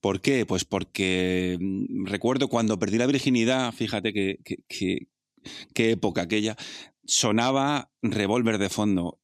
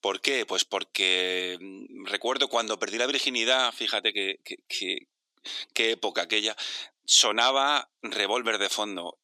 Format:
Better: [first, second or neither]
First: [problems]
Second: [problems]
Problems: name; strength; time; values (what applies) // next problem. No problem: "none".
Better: first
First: none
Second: thin; very; fading below 450 Hz